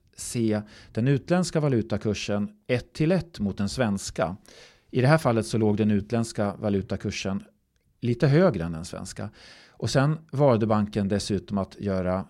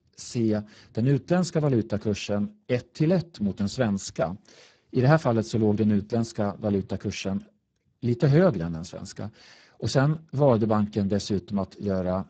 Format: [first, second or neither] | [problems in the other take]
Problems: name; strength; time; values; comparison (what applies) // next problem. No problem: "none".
first | garbled, watery; badly; nothing above 7.5 kHz